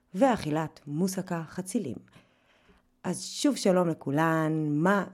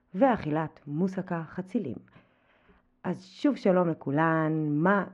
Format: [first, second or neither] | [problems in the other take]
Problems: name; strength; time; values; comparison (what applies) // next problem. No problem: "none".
first | muffled; very; fading above 2 kHz